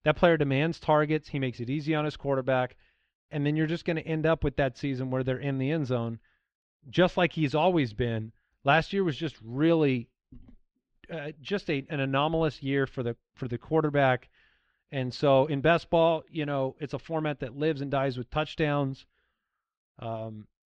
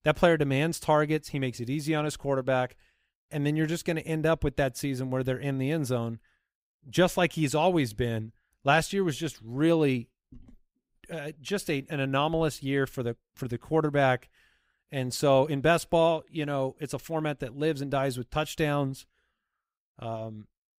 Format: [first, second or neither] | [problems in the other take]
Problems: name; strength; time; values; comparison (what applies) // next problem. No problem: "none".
second | muffled; very slightly; fading above 4.5 kHz